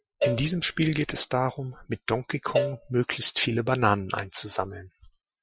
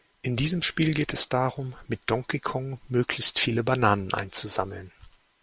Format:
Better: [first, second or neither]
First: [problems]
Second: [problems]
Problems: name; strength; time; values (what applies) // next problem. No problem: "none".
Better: second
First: noise reduction (classical method Wiener filter)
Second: none